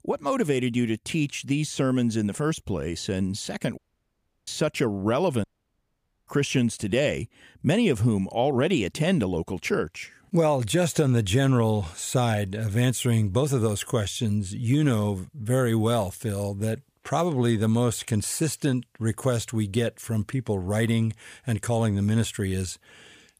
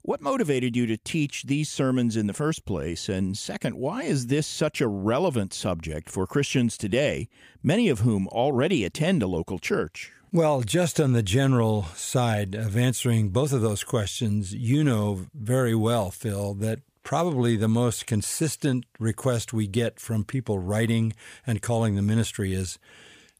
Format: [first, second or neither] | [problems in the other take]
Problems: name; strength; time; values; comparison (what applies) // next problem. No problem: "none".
second | audio cutting out; at 4 s for 0.5 s and at 5.5 s for 1 s